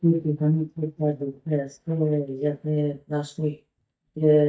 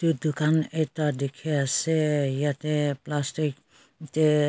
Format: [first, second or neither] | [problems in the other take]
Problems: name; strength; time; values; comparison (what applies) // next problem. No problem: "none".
second | noise reduction (neural mask model DeepFilterNet 3)